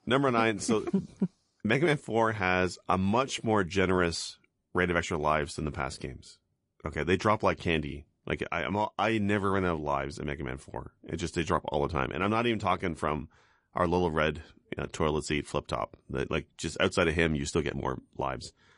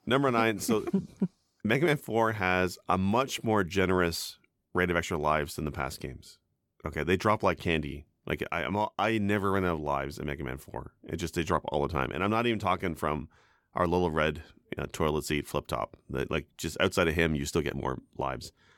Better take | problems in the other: second | garbled, watery; slightly; nothing above 10.5 kHz

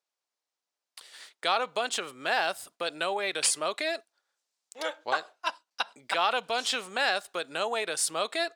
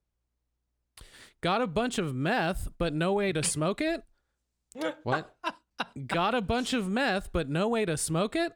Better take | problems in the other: second | thin; very; fading below 700 Hz

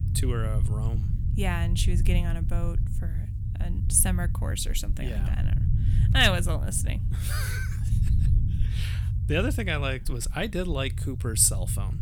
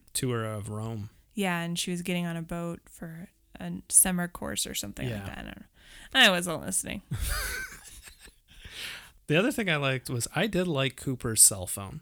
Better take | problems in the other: second | low rumble; noticeable; throughout; 15 dB below the speech

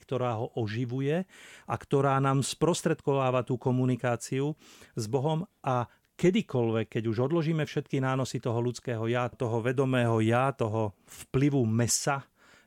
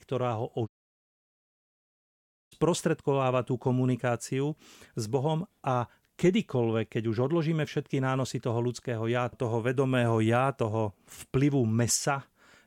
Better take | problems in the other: first | audio cutting out; at 0.5 s for 2 s

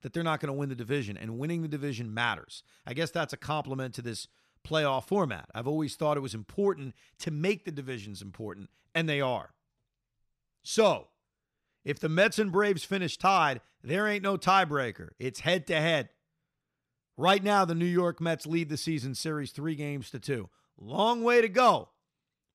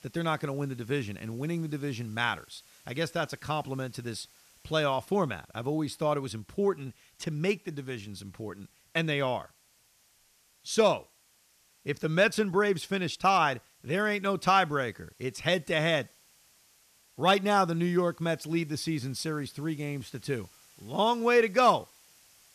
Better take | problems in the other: first | hiss; faint; throughout; 30 dB below the speech

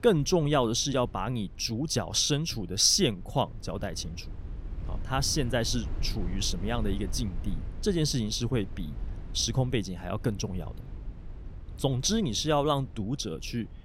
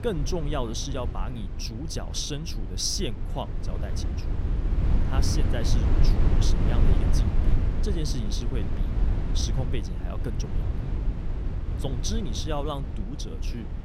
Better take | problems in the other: first | low rumble; loud; throughout; 6 dB below the speech; faint in the first

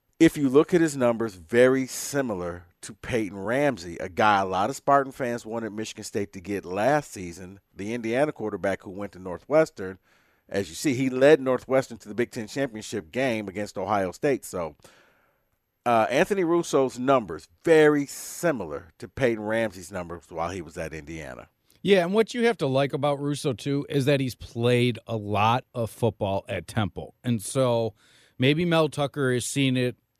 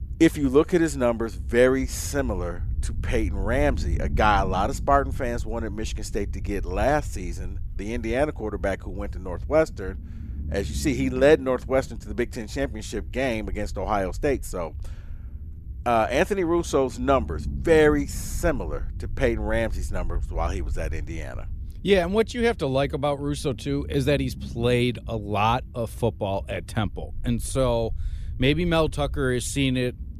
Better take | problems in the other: first | low rumble; faint; throughout; 25 dB below the speech

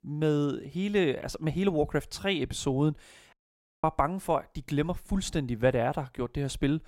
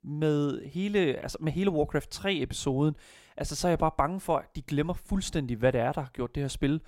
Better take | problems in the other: second | audio cutting out; at 3.5 s for 0.5 s

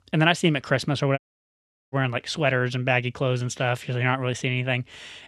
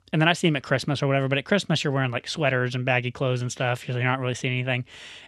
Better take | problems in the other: second | audio cutting out; at 1 s for 0.5 s

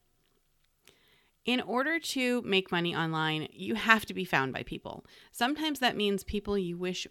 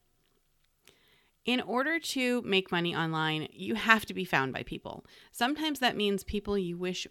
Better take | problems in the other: neither | none

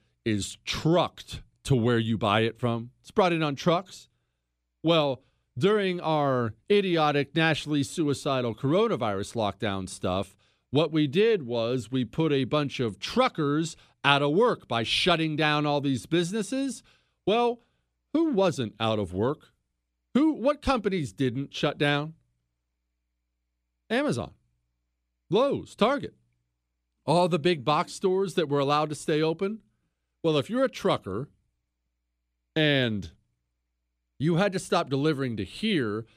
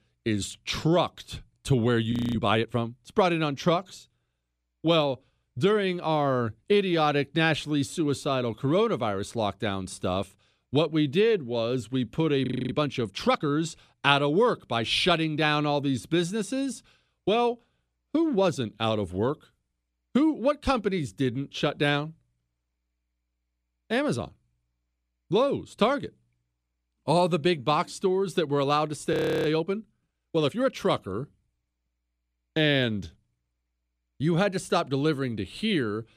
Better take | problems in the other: first | audio freezing; at 2 s, at 12 s and at 29 s

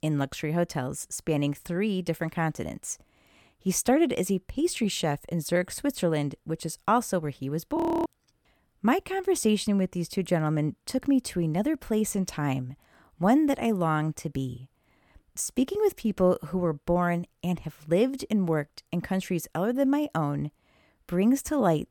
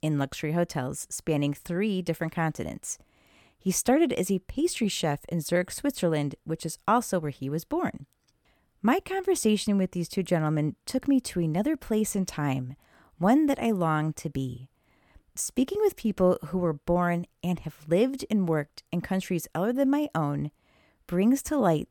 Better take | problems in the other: second | audio freezing; at 8 s

